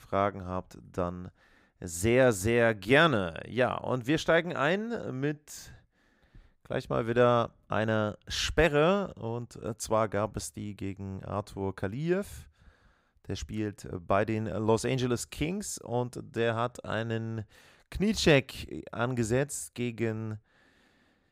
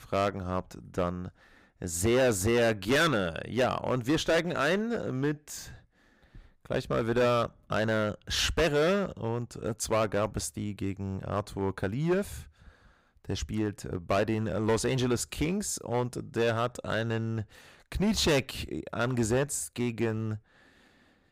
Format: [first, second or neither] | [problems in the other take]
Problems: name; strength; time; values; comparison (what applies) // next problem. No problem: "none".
first | distortion; heavy; 8% of the sound clipped